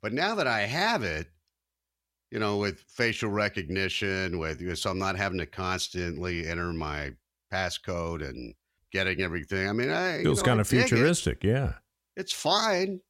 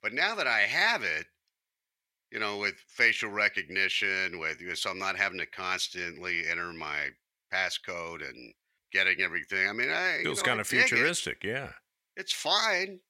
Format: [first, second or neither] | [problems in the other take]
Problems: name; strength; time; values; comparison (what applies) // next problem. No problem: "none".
first | thin; somewhat; fading below 700 Hz